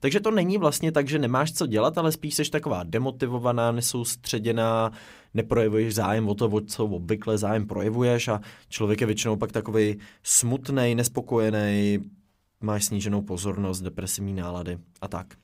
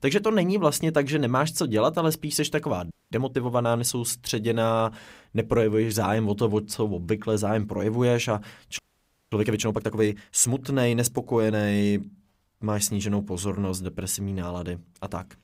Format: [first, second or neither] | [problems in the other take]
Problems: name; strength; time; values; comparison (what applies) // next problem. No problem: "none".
first | audio freezing; at 3 s and at 9 s for 0.5 s